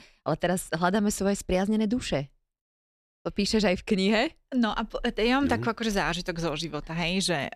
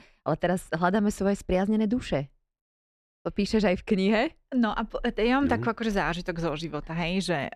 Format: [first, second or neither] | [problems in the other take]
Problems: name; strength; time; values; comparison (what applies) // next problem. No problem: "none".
first | muffled; very slightly; fading above 3 kHz